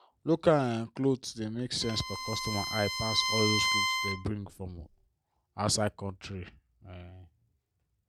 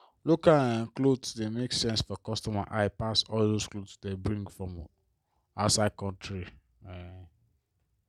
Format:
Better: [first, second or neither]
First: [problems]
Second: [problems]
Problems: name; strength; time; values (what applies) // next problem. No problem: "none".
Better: second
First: background sound (Bowed string instrument); 1 dB below the speech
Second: none